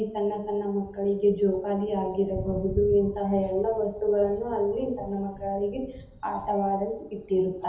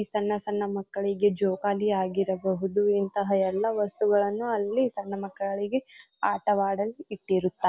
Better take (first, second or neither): second